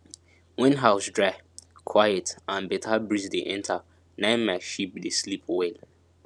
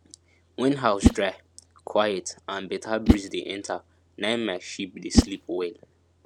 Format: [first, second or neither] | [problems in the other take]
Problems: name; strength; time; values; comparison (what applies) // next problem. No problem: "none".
first | background sound (Whoosh, swoosh, swish); 1 dB above the speech